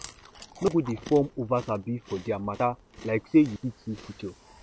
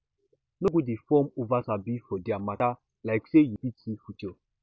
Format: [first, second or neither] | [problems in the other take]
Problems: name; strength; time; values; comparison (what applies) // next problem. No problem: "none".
second | background sound (Chewing, mastication); 19 dB below the speech